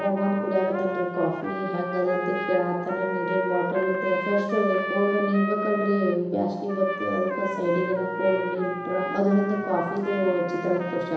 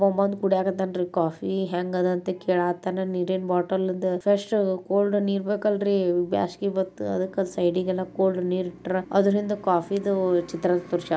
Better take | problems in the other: second | background sound (Trumpet); 7 dB below the speech // room echo; dies away in 1 s

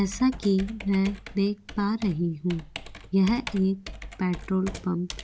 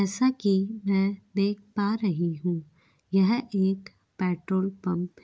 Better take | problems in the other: second | background sound (Computer keyboard); 14 dB below the speech

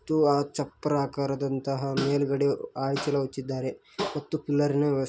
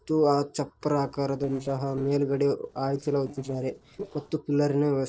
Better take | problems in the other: first | noise reduction (neural separator model SepFormer DNS4)

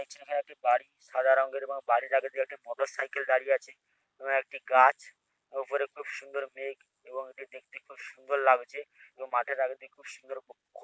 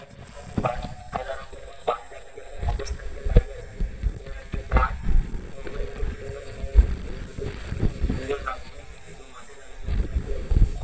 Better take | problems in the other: first | noise reduction (neural mask model DeepFilterNet 3)

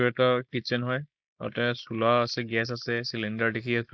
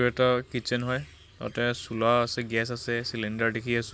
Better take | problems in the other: second | noise reduction (neural mask model Resemble Enhance denoiser)

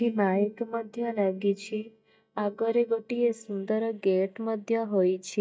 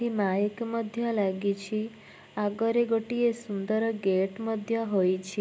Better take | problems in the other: second | noise reduction (neural mask model DeepFilterNet 3)

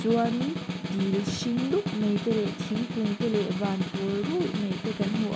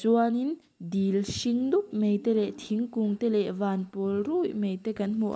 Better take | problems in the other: second | background sound (Snare drum); 4 dB below the speech

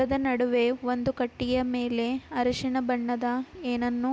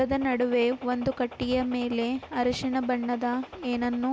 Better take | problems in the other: first | background sound (Gunshot, gunfire); 18 dB below the speech

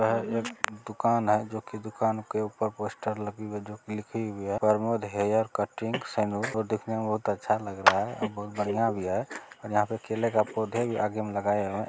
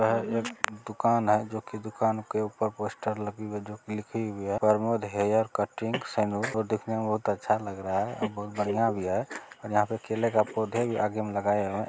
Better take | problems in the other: second | background sound (Clapping); 1 dB below the speech

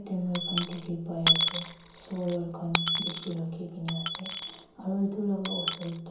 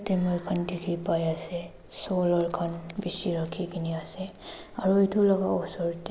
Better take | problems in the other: second | background sound (Coin (dropping) / Dishes, pots, and pans); as loud as the speech // room echo; dies away in 0.7 s

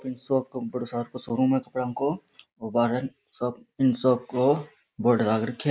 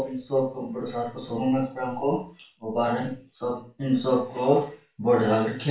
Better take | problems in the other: first | room echo; dies away in 0.3 s

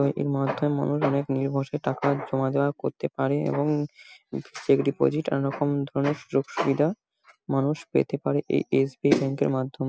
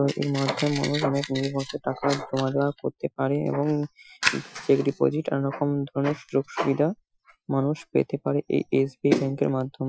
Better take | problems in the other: first | noise reduction (classical method Wiener filter)

